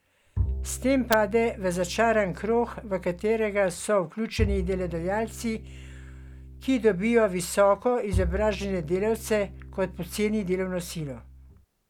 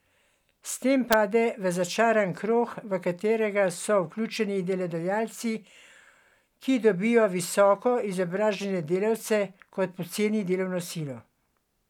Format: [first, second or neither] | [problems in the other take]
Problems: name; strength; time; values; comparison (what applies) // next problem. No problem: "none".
second | background sound (Bowed string instrument); 9 dB below the speech